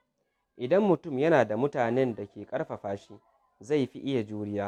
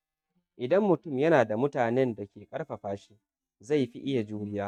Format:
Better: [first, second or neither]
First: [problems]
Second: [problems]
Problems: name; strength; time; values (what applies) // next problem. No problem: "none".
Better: first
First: none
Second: noise reduction (neural mask model DeepFilterNet 3)